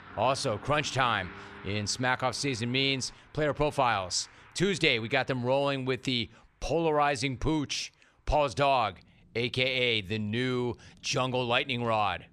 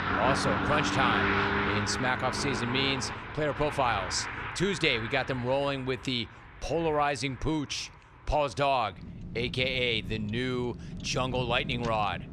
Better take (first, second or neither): first